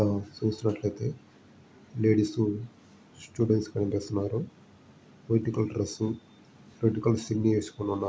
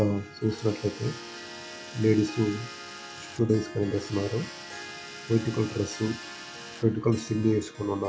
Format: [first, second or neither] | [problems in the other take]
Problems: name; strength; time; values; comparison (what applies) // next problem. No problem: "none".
first | background sound (Harp + Tools); 14 dB below the speech